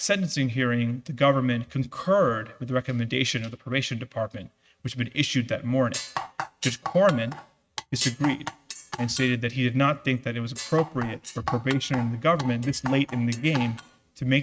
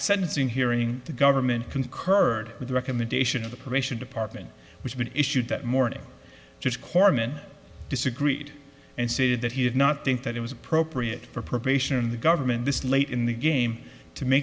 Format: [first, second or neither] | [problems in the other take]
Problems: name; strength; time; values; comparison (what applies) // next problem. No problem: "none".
second | noise reduction (neural mask model RNNoise)